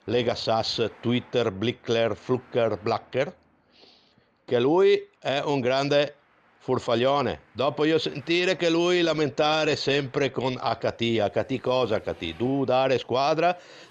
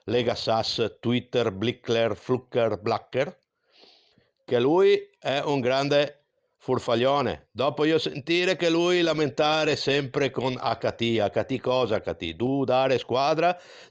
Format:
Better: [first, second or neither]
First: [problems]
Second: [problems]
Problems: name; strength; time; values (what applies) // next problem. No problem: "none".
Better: second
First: traffic noise; faint; throughout; 30 dB below the speech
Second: none